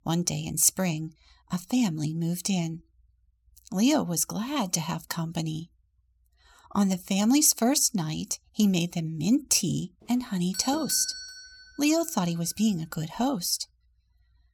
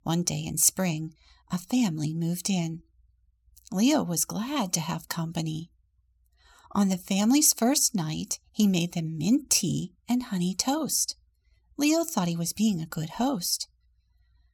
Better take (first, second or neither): second